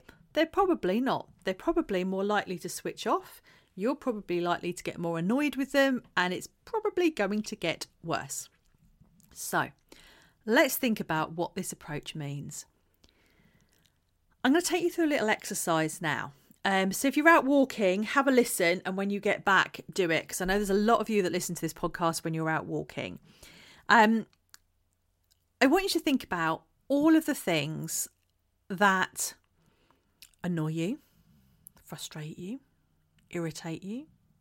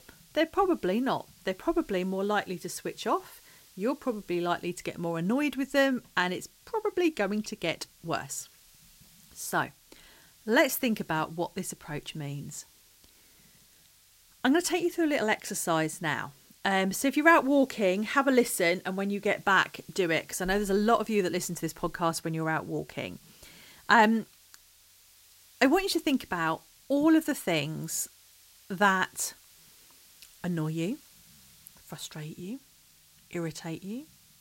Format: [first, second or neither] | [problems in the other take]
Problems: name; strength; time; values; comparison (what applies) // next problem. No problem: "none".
first | hiss; faint; throughout; 25 dB below the speech